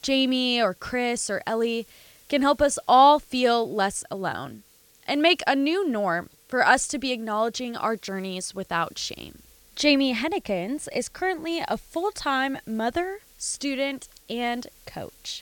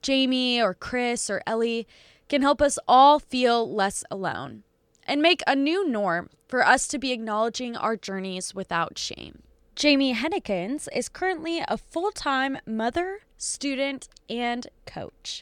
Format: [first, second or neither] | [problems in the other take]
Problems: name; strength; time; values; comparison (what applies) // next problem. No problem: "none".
second | hiss; faint; throughout; 30 dB below the speech